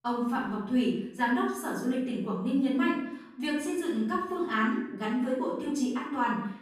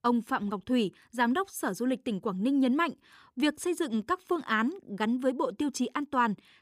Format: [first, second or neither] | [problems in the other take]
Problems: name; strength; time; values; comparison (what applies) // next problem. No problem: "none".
second | off-mic speech; far // room echo; noticeable; dies away in 0.7 s